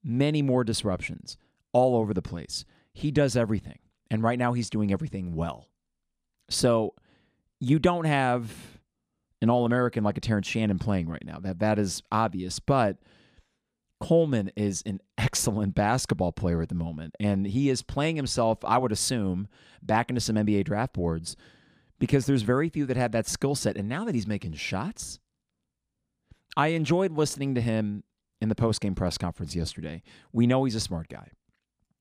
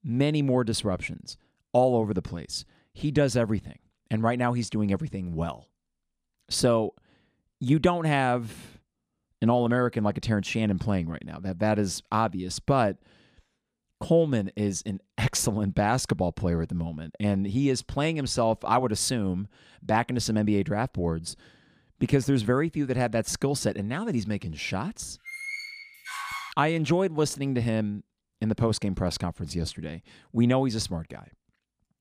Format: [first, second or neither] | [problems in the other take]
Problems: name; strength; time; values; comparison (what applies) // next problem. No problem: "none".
first | door banging; noticeable; from 25 to 27 s; peak 7 dB below the speech